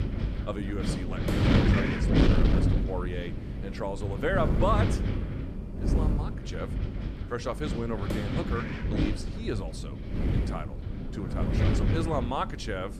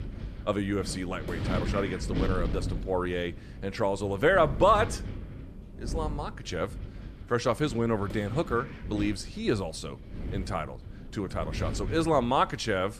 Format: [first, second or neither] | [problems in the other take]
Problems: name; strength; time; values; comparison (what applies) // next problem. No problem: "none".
second | wind noise on the microphone; heavy; 1 dB below the speech; occasional gusts in the second